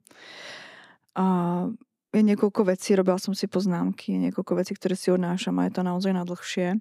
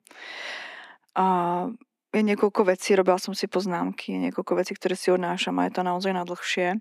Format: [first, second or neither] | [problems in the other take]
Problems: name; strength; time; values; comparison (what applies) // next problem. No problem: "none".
first | thin; somewhat; fading below 300 Hz